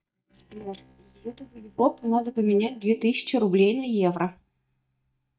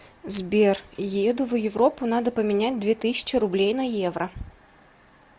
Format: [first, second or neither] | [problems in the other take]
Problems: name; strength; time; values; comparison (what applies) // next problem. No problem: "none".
second | noise reduction (neural mask model DeepFilterNet 3)